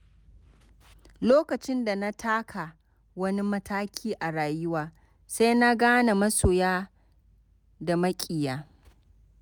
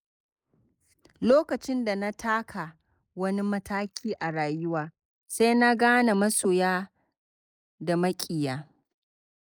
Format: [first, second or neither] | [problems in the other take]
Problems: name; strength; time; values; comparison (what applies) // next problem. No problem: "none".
first | noise reduction (neural mask model Resemble Enhance denoiser)